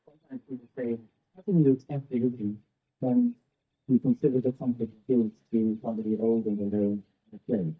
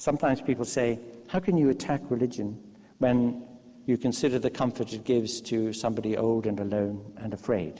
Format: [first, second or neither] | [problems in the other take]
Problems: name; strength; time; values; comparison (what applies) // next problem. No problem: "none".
second | noise reduction (neural mask model DeepFilterNet 3)